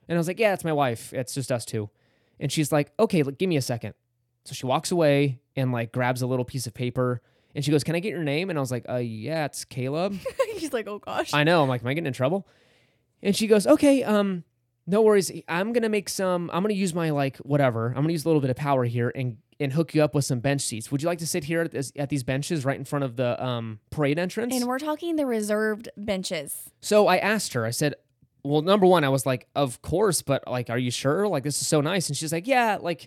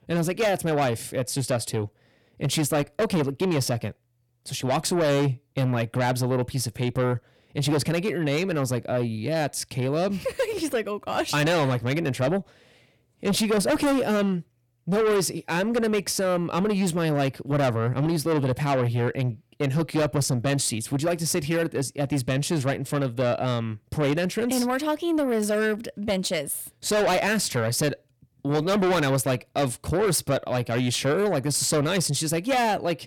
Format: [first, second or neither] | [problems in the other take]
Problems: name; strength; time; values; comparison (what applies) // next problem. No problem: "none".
first | distortion; heavy; 7 dB below the speech